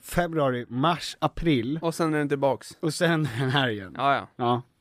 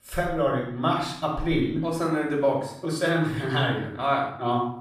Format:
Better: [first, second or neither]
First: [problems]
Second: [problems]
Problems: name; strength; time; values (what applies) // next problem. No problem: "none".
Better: first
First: none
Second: off-mic speech; far // room echo; noticeable; dies away in 0.6 s